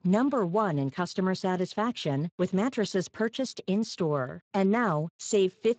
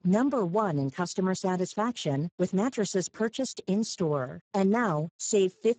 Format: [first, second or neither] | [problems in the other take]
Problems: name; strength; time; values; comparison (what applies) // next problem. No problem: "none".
first | garbled, watery; badly; nothing above 7.5 kHz; slightly in the first